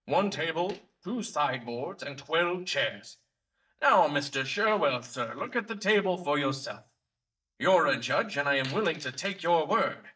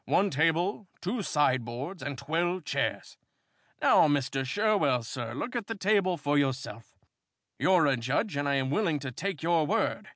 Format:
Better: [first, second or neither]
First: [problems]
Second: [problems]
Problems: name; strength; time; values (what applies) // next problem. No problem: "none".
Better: second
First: noise reduction (neural mask model DeepFilterNet 3)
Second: none